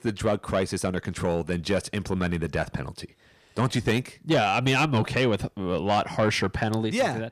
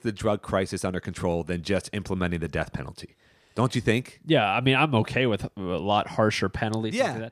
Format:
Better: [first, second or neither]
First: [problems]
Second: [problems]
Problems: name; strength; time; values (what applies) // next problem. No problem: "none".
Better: second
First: distortion; slight; 10 dB below the speech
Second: none